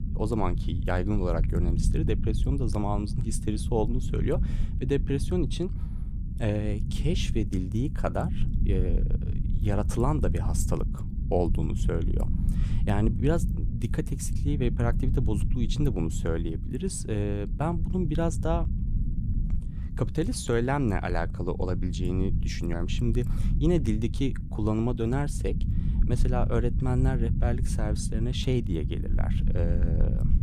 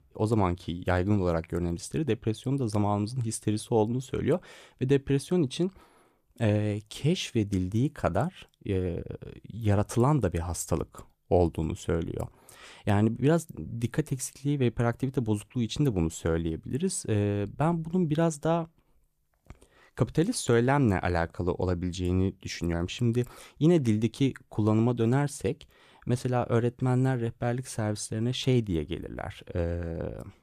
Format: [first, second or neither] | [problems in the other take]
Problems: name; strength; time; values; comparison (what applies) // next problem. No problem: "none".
second | low rumble; noticeable; throughout; 10 dB below the speech